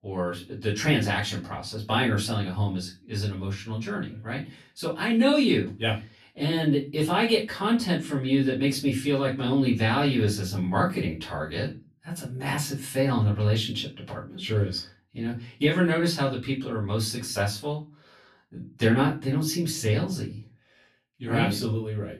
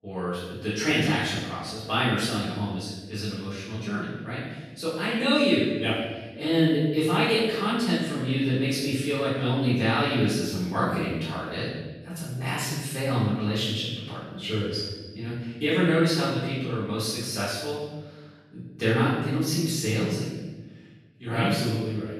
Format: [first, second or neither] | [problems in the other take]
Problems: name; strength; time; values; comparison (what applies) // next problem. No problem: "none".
first | room echo; strong; dies away in 1.1 s; slight in the first // off-mic speech; far; far in the first